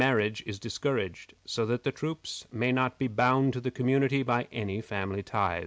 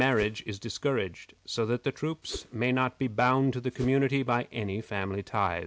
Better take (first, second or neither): first